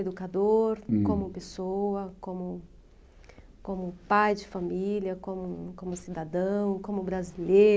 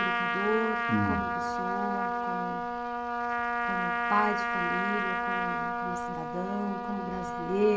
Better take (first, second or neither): first